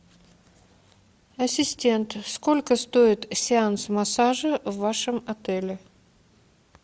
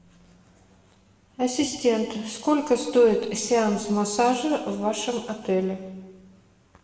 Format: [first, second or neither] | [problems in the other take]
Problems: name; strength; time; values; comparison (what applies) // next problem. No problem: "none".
first | room echo; dies away in 1.2 s